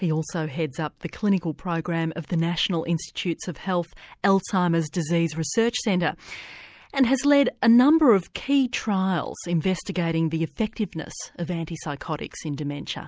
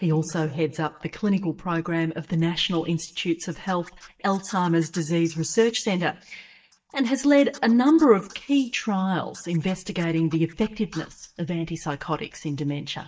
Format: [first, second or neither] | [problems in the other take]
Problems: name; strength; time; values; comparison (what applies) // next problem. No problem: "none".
first | noise reduction (neural mask model DeepFilterNet 3)